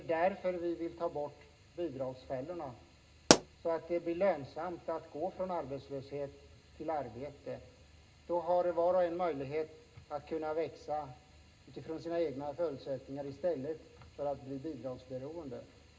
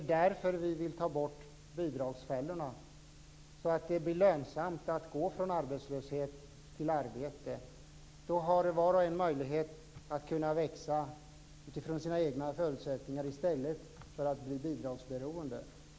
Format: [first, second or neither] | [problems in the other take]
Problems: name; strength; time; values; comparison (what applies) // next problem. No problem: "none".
second | background sound (Explosion); 4 dB above the speech // room echo; dies away in 0.2 s